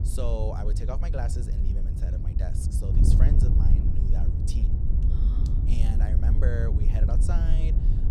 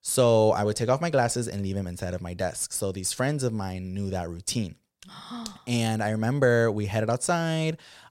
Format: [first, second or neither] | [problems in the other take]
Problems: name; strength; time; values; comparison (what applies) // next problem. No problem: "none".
second | wind noise on the microphone; heavy; 2 dB below the speech